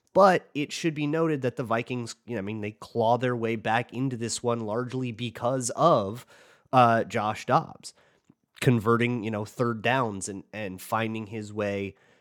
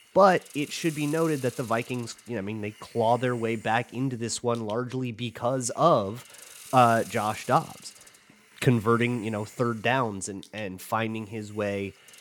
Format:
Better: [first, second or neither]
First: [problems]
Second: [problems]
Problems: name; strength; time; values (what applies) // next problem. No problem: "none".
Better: first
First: none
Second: hiss; noticeable; throughout; 20 dB below the speech